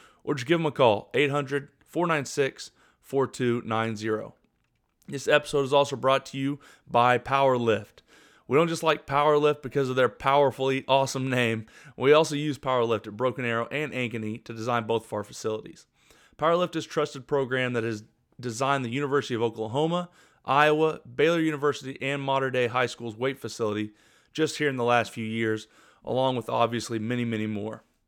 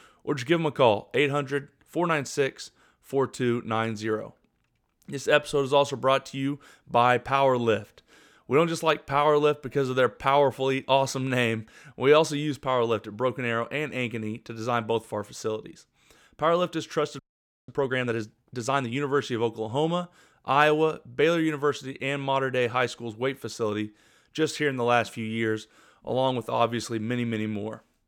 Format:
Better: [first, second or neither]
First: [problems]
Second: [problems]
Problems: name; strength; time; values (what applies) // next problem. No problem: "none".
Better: first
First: none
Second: audio freezing; at 17 s